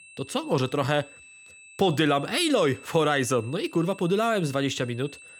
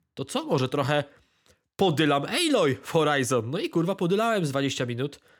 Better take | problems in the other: second | high-pitched whine; faint; throughout; 2.5 kHz, 20 dB below the speech

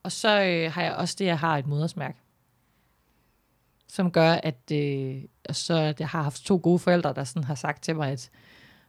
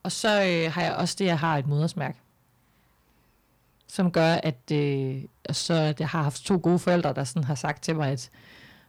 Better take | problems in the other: first | distortion; slight; 10 dB below the speech

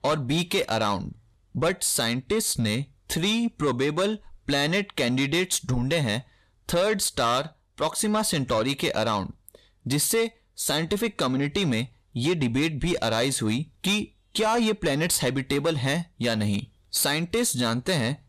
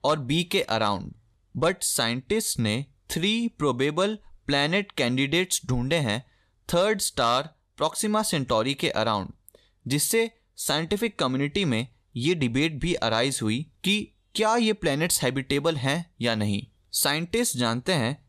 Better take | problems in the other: second | distortion; slight; 10 dB below the speech

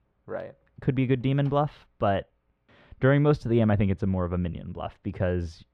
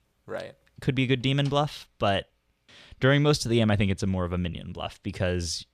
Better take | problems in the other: second | muffled; very; fading above 3 kHz

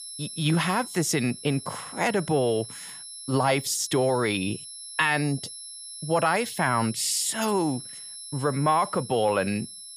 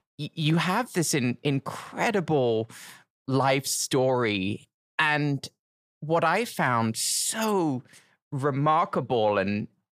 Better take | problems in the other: second | high-pitched whine; noticeable; throughout; 11 kHz, 10 dB below the speech

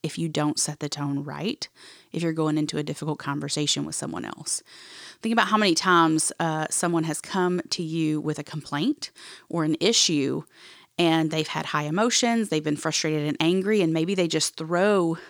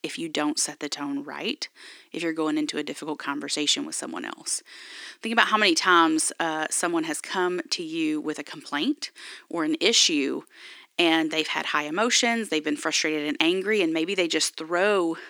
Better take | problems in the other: first | thin; very slightly; fading below 250 Hz

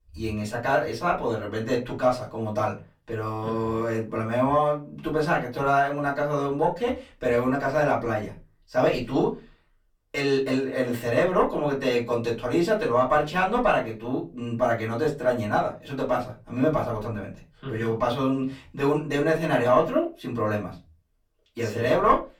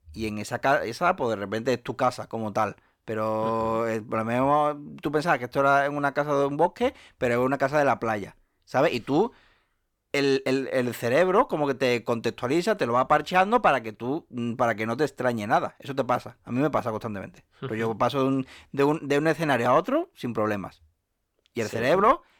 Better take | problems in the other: second | off-mic speech; far // room echo; very slight; dies away in 0.3 s

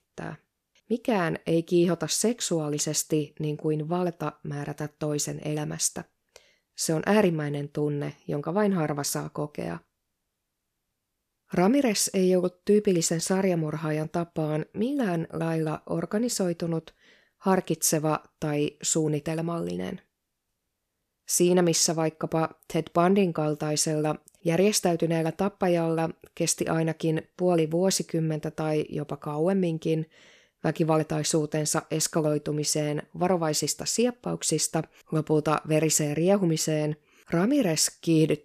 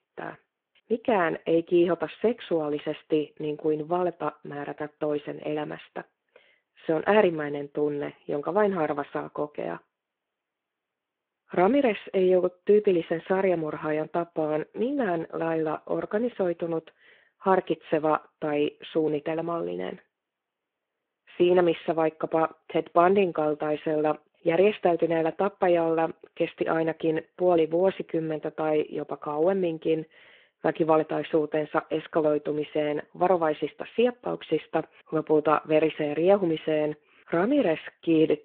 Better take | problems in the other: first | phone-call audio

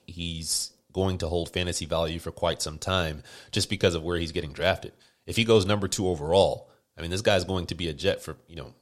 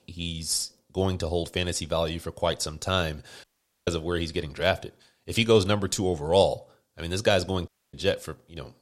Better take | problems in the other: first | audio cutting out; at 3.5 s and at 7.5 s

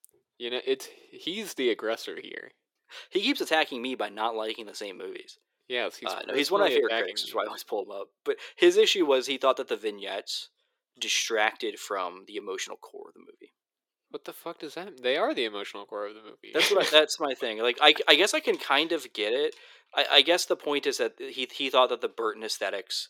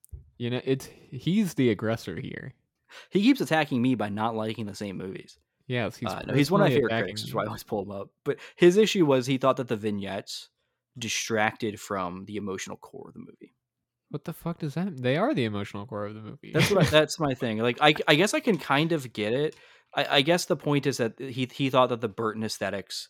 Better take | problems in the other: second | thin; somewhat; fading below 350 Hz

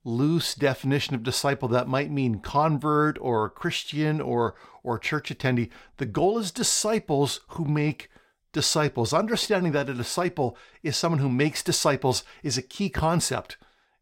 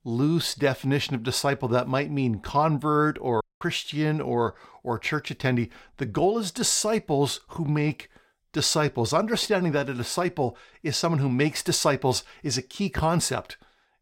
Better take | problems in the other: first | audio cutting out; at 3.5 s

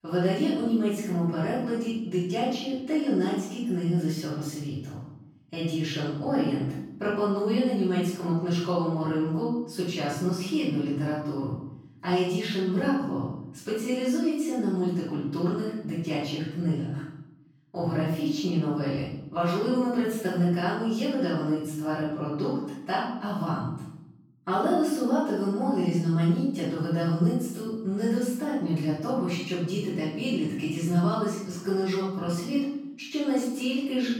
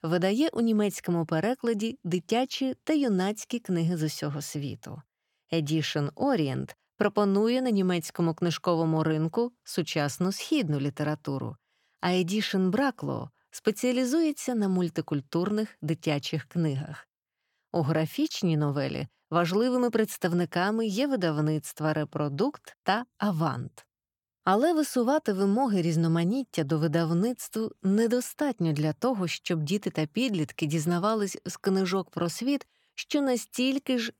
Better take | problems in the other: second | off-mic speech; far // room echo; strong; dies away in 0.8 s

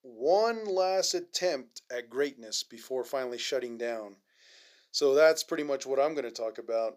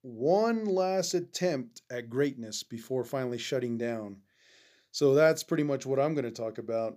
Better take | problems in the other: second | thin; somewhat; fading below 500 Hz

